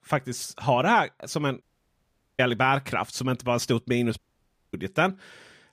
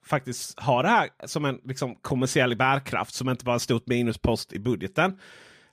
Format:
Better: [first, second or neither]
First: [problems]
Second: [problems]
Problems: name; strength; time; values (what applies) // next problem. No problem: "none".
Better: second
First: audio cutting out; at 1.5 s for 1 s and at 4 s for 0.5 s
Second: none